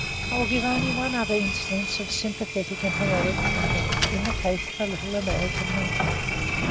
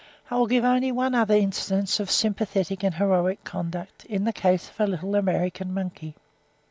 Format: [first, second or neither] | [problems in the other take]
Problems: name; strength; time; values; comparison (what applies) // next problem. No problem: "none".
second | background sound (Sliding door + Engine); 2 dB above the speech